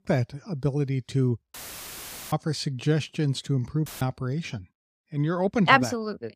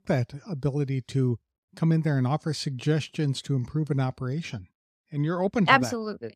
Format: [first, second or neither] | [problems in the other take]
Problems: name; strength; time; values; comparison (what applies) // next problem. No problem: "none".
second | audio cutting out; filled with static; at 1.5 s for 1 s and at 4 s